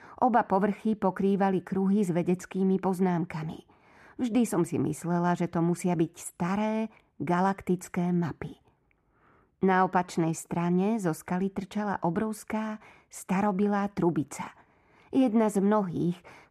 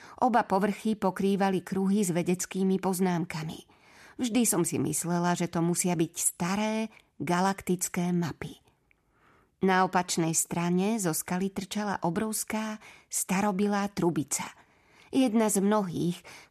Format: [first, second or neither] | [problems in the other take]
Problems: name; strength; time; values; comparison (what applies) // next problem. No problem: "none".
second | muffled; slightly; fading above 2.5 kHz